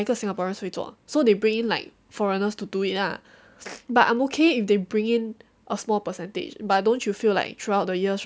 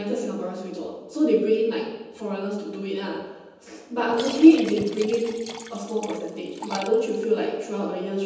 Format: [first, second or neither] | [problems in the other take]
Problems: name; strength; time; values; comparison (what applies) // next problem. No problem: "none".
first | background sound (Liquid); 15 dB below the speech // room echo; dies away in 1.1 s